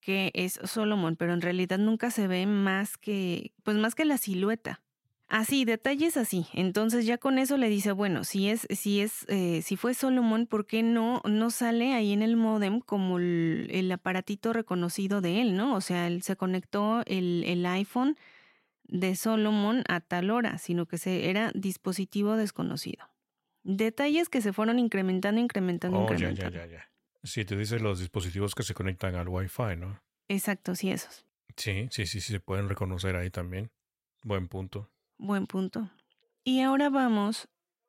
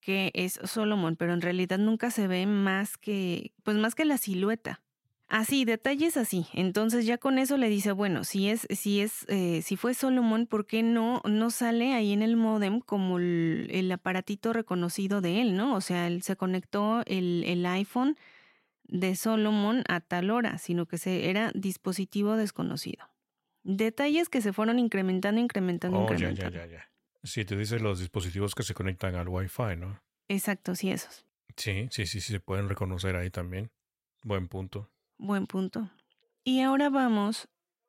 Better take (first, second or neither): neither